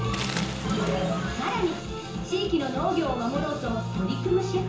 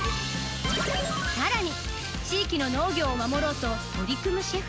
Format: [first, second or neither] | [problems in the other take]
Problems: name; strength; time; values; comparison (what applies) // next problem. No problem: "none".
second | background sound (Waves, surf); 12 dB below the speech // room echo; dies away in 0.6 s